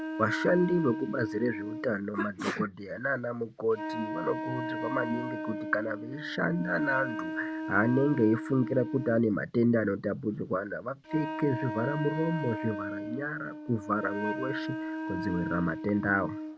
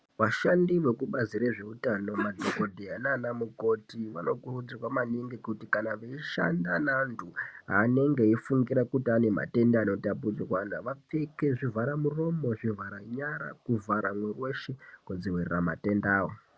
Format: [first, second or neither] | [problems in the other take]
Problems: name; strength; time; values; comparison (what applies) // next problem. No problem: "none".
second | background sound (Wind instrument, woodwind instrument); 7 dB below the speech